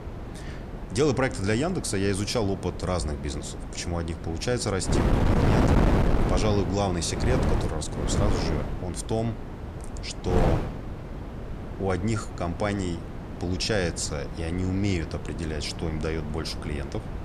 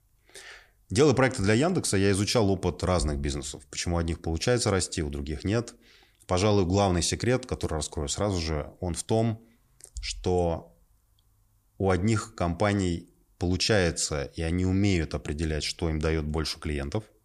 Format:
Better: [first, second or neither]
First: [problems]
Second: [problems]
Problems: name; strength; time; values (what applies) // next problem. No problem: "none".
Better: second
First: wind noise on the microphone; heavy; 4 dB below the speech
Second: none